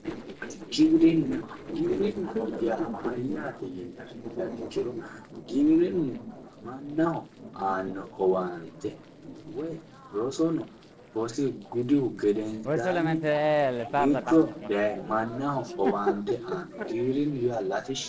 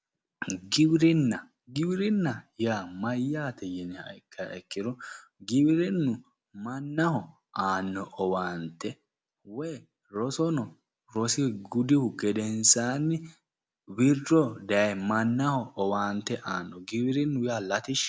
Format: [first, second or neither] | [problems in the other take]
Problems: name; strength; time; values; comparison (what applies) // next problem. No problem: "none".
second | noise reduction (neural separator model SepFormer DNS4)